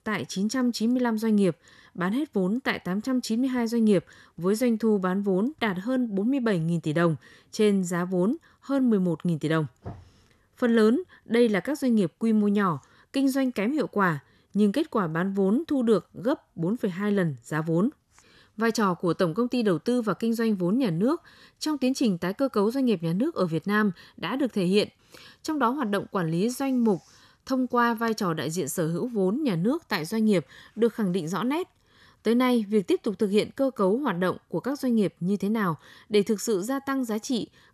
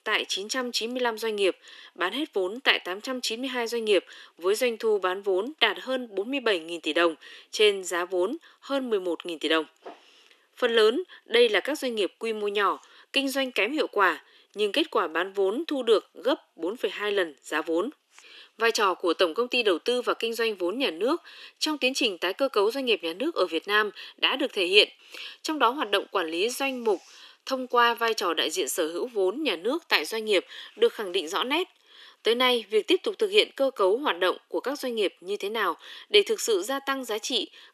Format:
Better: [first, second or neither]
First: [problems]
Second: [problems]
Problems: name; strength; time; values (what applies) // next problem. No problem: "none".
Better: first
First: none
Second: thin; very; fading below 300 Hz